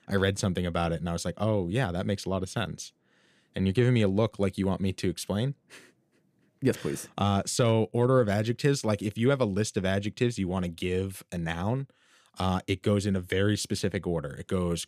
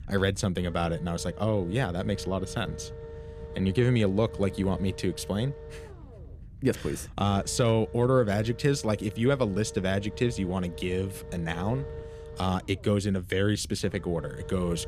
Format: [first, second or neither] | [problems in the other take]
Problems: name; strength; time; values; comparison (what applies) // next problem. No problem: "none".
first | low rumble; noticeable; throughout; 15 dB below the speech